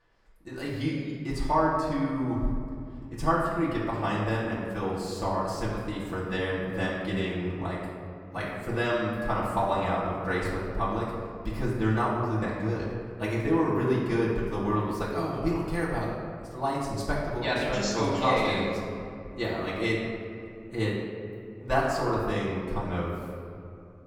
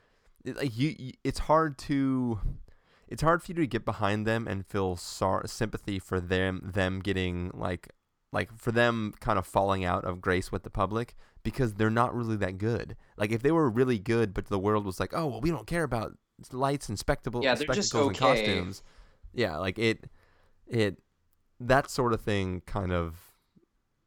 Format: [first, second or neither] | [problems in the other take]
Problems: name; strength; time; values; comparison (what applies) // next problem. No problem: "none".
second | off-mic speech; far // room echo; noticeable; dies away in 2.1 s